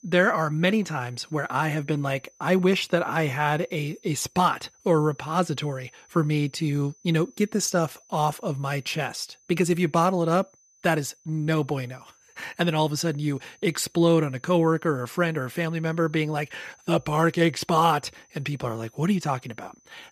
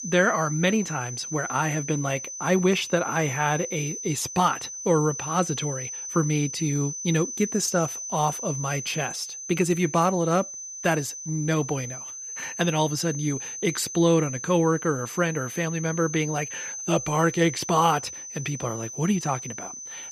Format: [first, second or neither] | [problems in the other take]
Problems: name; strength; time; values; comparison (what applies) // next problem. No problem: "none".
first | high-pitched whine; loud; throughout; 6 kHz, 8 dB below the speech; faint in the first